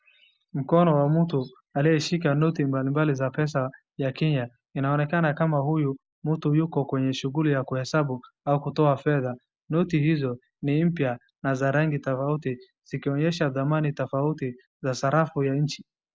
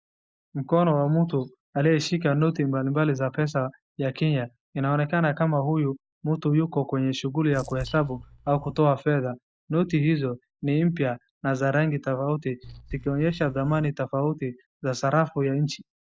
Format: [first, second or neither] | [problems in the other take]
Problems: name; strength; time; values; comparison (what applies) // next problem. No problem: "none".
first | noise reduction (neural mask model DeepFilterNet 3)